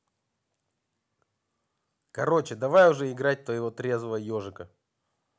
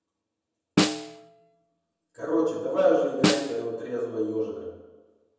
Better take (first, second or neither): first